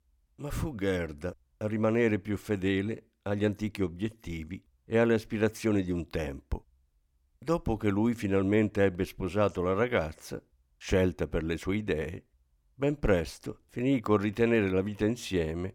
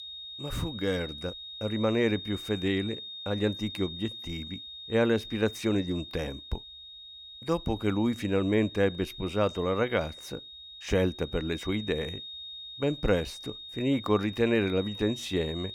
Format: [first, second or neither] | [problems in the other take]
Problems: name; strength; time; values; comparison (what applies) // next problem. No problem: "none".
first | high-pitched whine; noticeable; throughout; 3.5 kHz, 10 dB below the speech